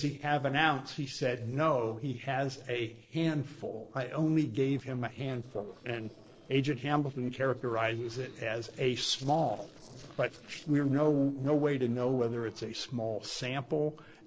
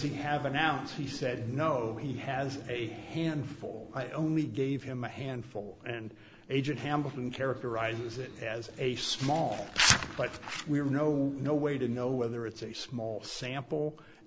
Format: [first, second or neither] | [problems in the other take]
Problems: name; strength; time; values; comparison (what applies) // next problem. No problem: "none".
second | noise reduction (neural separator model SepFormer DNS4)